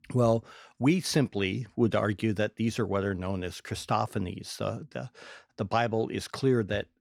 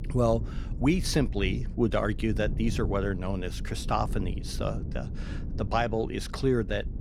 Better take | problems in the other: first | low rumble; noticeable; throughout; 15 dB below the speech

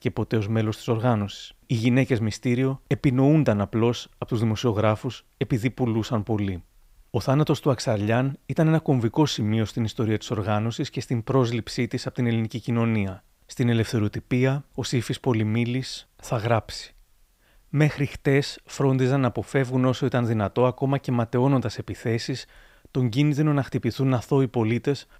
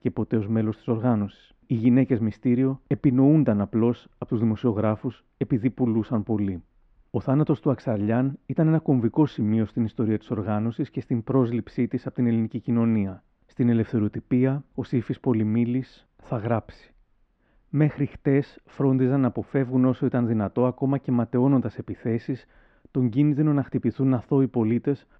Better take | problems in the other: first | muffled; very; fading above 2 kHz

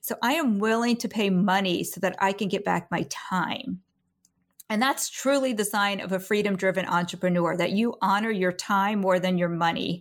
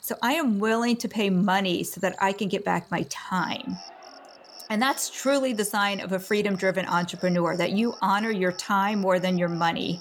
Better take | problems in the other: first | animal sounds; noticeable; throughout; 20 dB below the speech

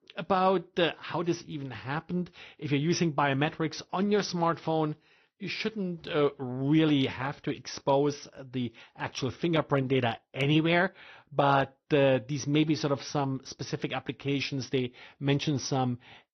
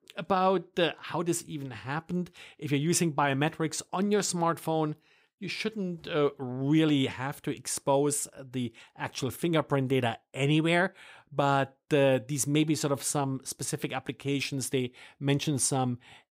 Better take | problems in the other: second | garbled, watery; slightly; nothing above 6 kHz

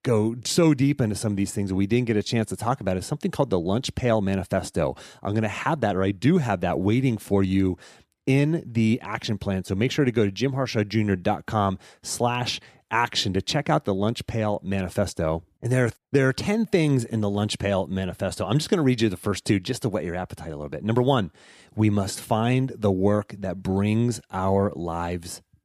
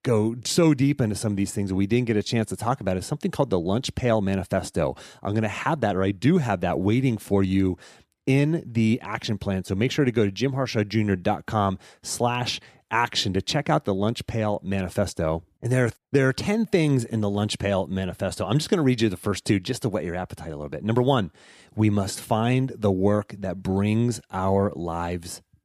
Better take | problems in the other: neither | none

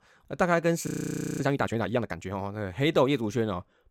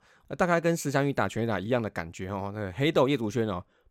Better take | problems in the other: second | audio freezing; at 1 s for 0.5 s

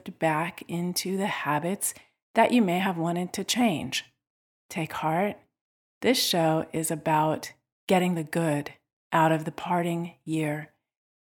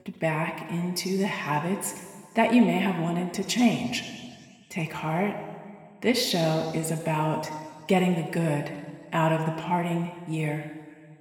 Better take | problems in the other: first | room echo; slight; dies away in 1.8 s

